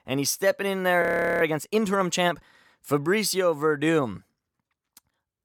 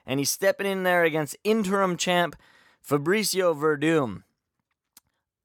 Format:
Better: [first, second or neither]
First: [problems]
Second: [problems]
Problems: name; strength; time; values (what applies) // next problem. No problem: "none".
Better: second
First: audio freezing; at 1 s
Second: none